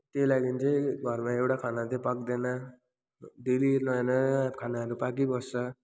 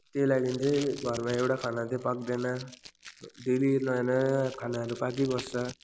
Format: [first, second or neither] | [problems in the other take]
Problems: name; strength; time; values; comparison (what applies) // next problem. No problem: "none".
first | background sound (Packing tape, duct tape); 18 dB below the speech